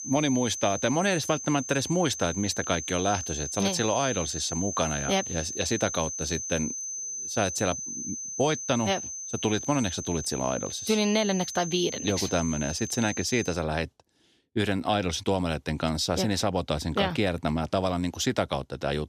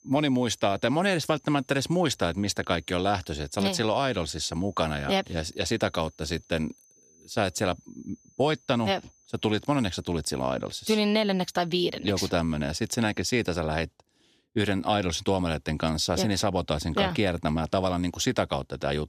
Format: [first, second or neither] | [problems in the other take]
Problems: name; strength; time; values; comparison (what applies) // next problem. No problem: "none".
second | high-pitched whine; loud; until 14 s; 6.5 kHz, 6 dB below the speech; faint in the second